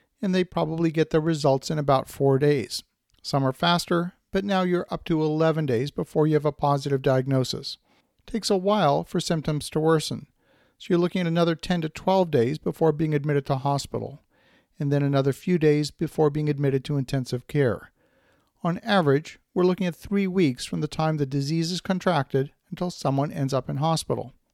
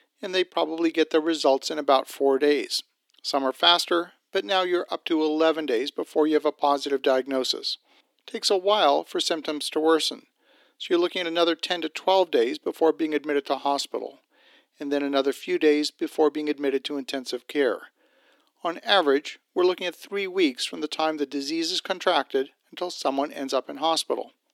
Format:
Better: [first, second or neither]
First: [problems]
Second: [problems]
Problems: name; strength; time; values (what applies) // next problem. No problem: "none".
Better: first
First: none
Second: thin; somewhat; fading below 300 Hz